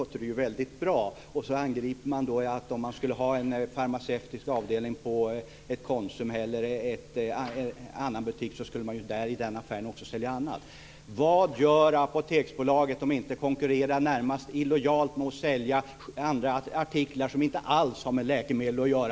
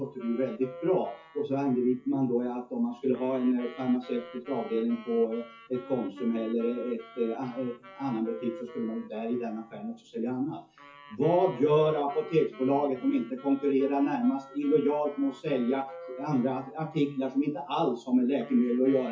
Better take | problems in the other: first | noise reduction (classical method WPE with log-MMSE)

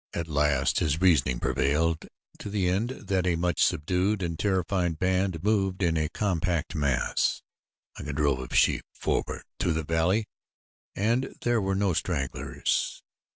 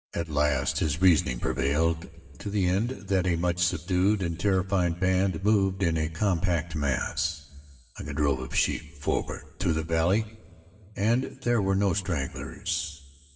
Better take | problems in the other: first | room echo; dies away in 2.7 s

